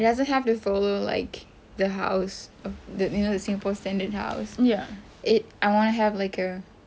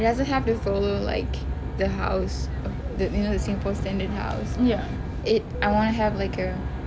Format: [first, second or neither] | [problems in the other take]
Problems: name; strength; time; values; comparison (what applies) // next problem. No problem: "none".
first | background sound (Aircraft); 3 dB below the speech